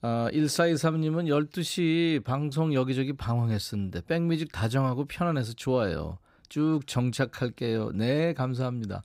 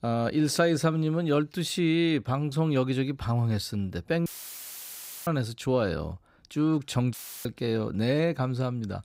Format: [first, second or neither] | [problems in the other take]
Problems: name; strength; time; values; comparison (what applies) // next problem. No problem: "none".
first | audio cutting out; filled with static; at 4.5 s for 1 s and at 7 s